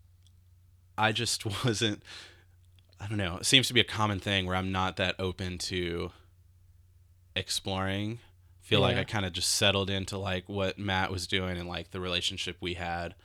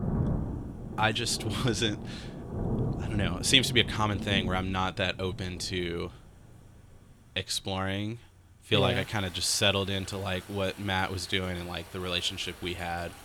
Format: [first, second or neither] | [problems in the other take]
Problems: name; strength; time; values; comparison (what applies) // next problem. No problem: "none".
first | rain or running water; loud; throughout; 9 dB below the speech